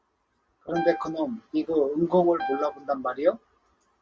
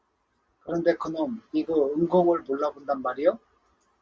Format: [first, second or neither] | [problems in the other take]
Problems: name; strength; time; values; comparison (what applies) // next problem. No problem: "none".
second | background sound (Piano); 11 dB below the speech